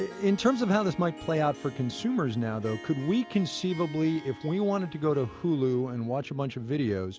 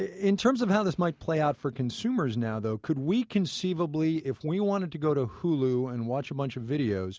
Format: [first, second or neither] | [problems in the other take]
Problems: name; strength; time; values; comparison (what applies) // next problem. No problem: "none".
second | background sound (Harp); 17 dB below the speech